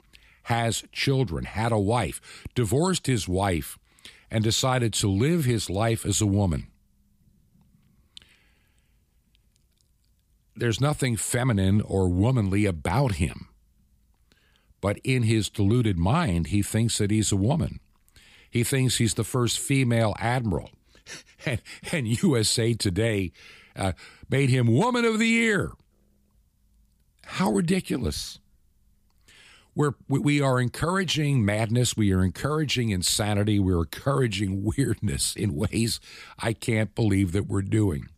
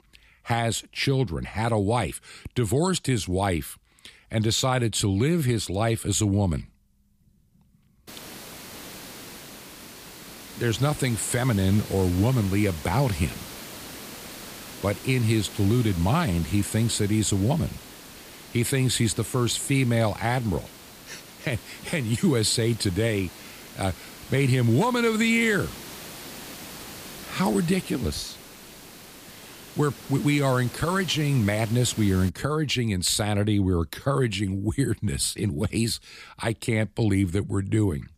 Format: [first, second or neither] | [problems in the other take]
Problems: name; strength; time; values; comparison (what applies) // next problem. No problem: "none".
first | hiss; noticeable; from 8 to 32 s; 15 dB below the speech